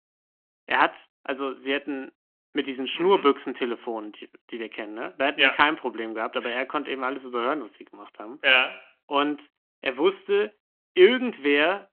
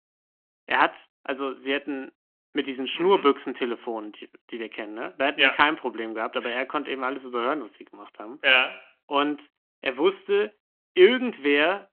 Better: neither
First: phone-call audio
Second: phone-call audio

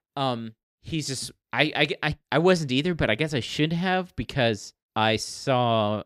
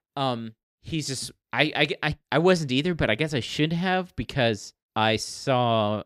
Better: neither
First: none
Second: none

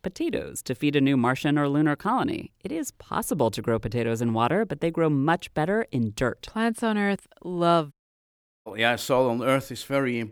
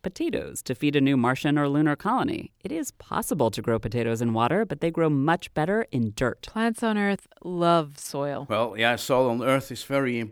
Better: second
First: audio cutting out; at 8 s for 0.5 s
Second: none

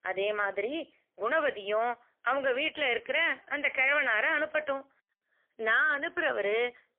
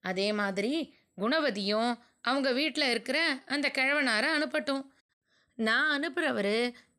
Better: second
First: phone-call audio; poor line; nothing above 3.5 kHz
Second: none

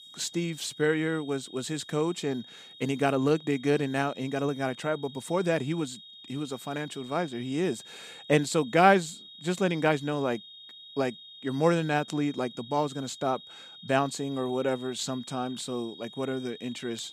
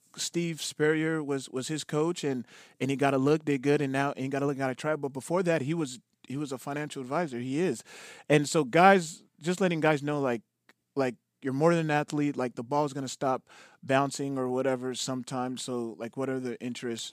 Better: second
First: high-pitched whine; noticeable; throughout; 3.5 kHz, 15 dB below the speech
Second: none

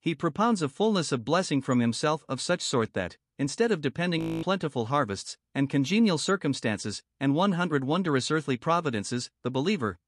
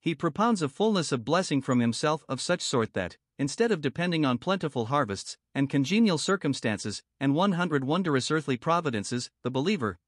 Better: second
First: audio freezing; at 4 s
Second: none

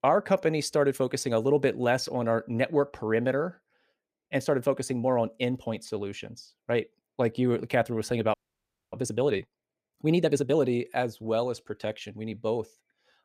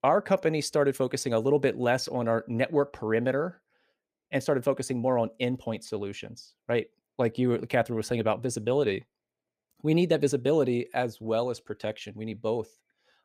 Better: second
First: audio freezing; at 8.5 s for 0.5 s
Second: none

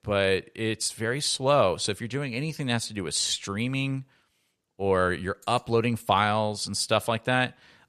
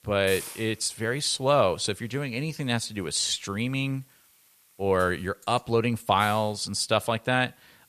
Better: first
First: none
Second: hiss; noticeable; throughout; 20 dB below the speech

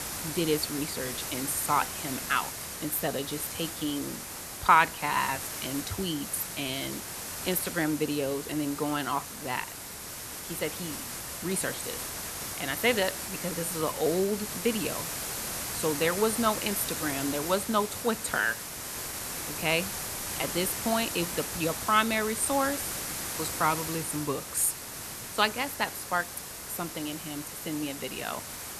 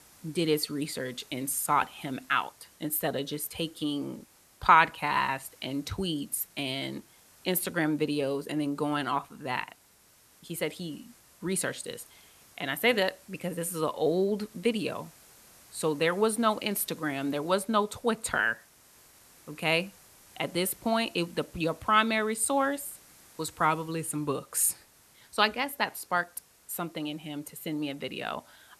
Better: second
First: hiss; loud; throughout; 5 dB below the speech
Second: hiss; faint; throughout; 25 dB below the speech

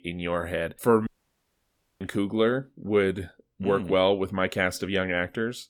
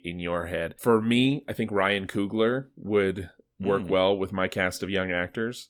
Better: second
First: audio cutting out; at 1 s for 1 s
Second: none

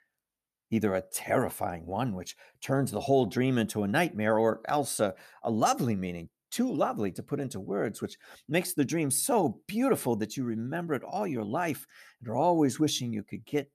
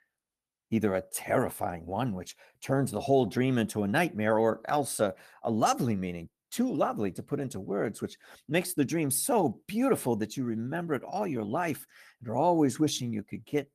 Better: first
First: none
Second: garbled, watery; slightly; nothing above 14.5 kHz

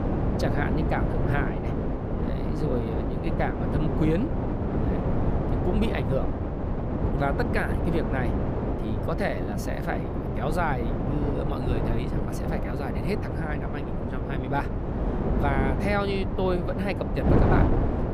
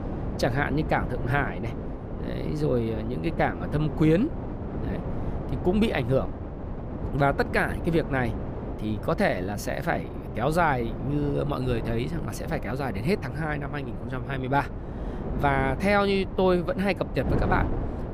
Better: second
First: wind noise on the microphone; heavy; 1 dB below the speech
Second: wind noise on the microphone; occasional gusts; 10 dB below the speech

